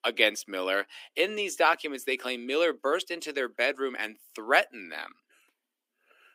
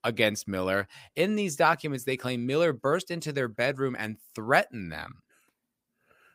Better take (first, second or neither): second